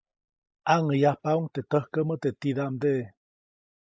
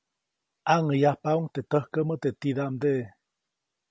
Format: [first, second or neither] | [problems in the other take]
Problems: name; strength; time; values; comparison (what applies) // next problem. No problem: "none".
second | noise reduction (neural mask model Resemble Enhance denoiser)